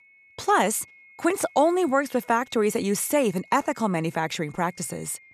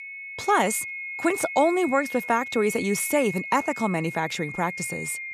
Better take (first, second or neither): first